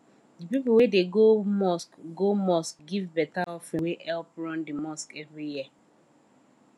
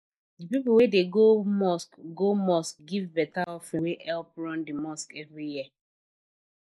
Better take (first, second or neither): first